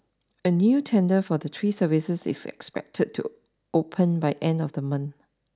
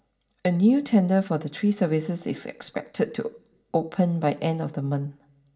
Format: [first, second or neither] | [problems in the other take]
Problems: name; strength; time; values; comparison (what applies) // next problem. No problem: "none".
first | room echo; dies away in 0.4 s